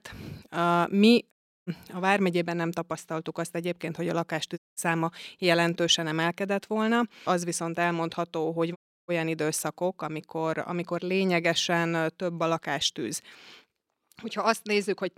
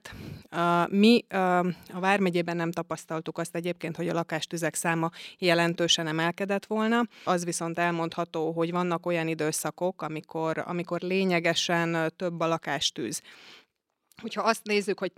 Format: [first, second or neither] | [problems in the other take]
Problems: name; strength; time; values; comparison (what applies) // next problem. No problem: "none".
second | audio cutting out; at 1.5 s, at 4.5 s and at 9 s